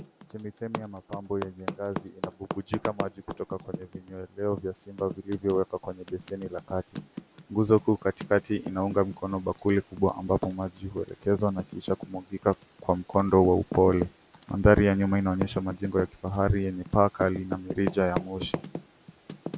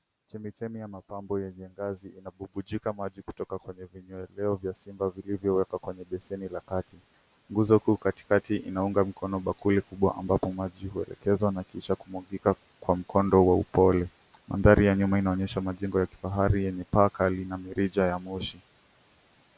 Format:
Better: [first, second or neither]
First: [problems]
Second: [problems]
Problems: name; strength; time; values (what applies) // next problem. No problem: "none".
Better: second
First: background sound (Typing); 12 dB below the speech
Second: none